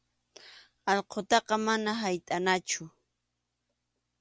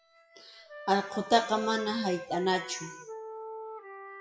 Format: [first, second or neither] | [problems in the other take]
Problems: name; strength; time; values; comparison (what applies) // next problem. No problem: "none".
first | noise reduction (classical method WPE with log-MMSE)